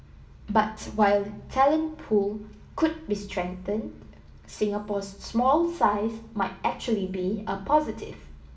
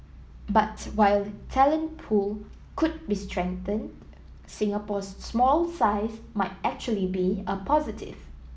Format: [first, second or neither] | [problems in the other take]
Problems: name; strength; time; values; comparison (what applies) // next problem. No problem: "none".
second | room echo; dies away in 0.5 s